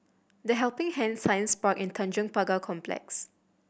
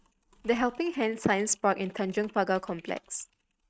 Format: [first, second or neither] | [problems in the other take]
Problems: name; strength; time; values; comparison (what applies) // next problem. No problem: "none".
first | noise reduction (neural mask model RNNoise)